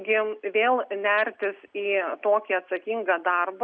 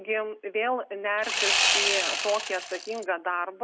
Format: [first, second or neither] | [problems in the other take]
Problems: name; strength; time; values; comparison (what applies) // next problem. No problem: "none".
first | background sound (Sawing); 3 dB above the speech